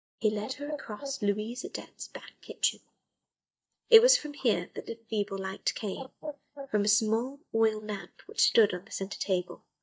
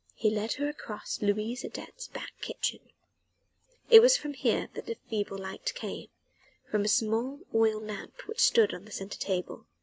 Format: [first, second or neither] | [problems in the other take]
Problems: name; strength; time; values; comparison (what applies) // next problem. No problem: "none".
second | noise reduction (neural mask model DeepFilterNet 3)